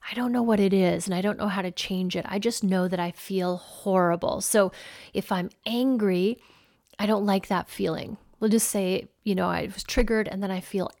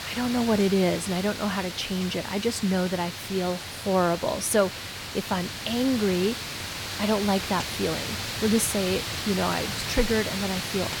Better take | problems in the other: first | hiss; loud; throughout; 5 dB below the speech

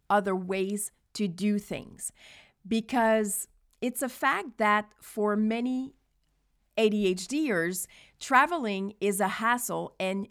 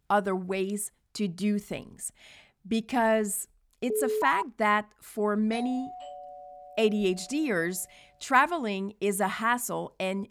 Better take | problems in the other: first | alarm; loud; at 4 s; peak level with the speech // doorbell; faint; from 5.5 to 7.5 s; peak 10 dB below the speech

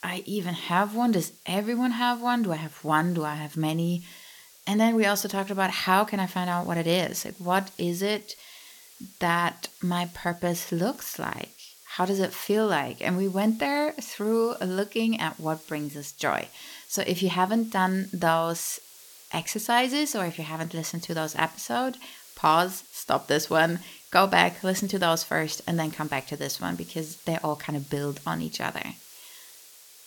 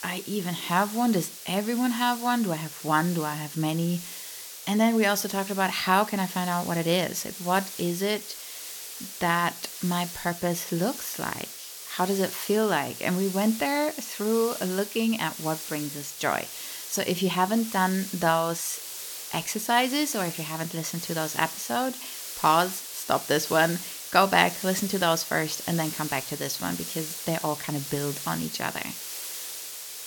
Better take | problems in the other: first | hiss; loud; throughout; 9 dB below the speech; faint in the first

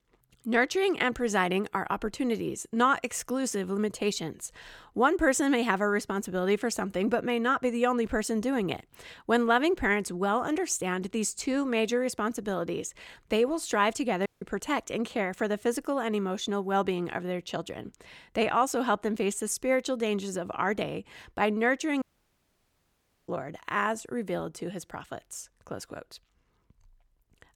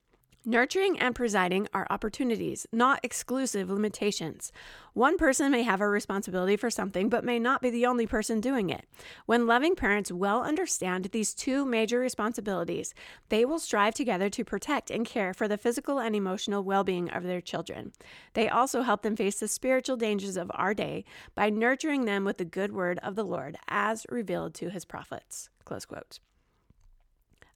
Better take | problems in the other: second | audio cutting out; at 14 s and at 22 s for 1.5 s

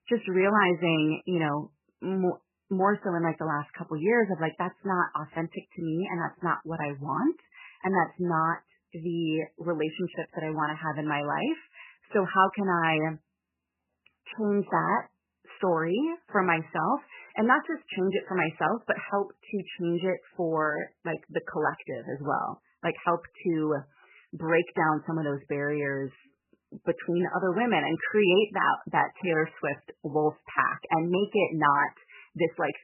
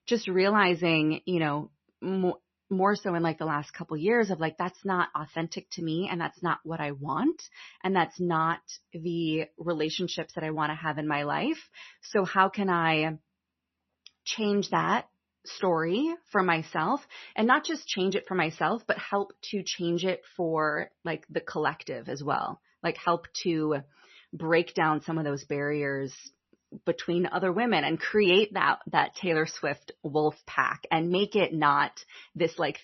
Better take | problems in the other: second | garbled, watery; badly; nothing above 3 kHz; slightly in the second

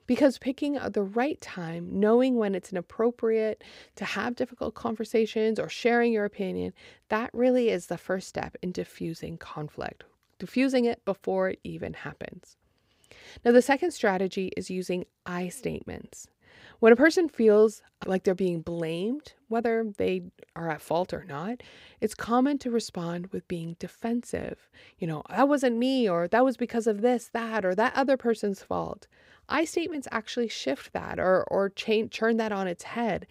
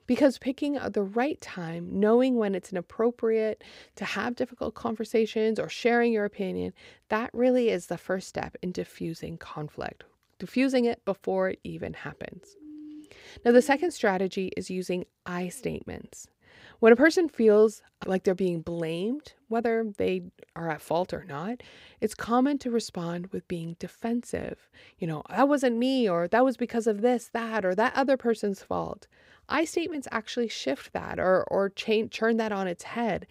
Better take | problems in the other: first | siren; faint; from 12 to 14 s; peak 15 dB below the speech

